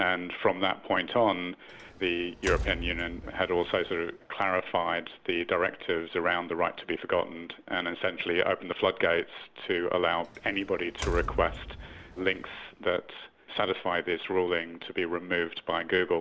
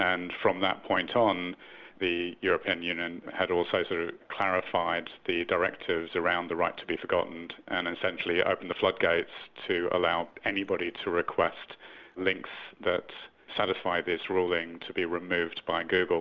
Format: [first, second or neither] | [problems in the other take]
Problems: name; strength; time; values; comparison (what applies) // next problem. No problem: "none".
second | background sound (Door); 10 dB below the speech